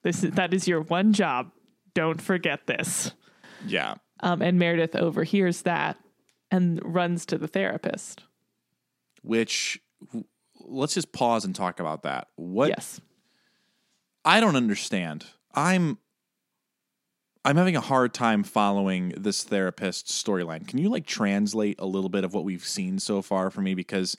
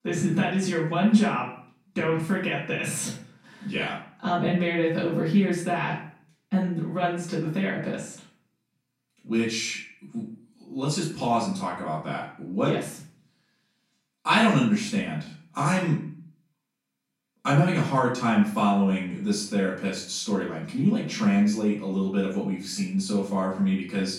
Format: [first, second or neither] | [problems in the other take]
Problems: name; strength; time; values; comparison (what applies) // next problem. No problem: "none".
first | off-mic speech; far // room echo; noticeable; dies away in 0.4 s